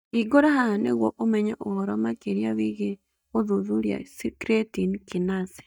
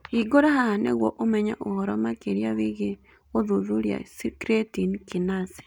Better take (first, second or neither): second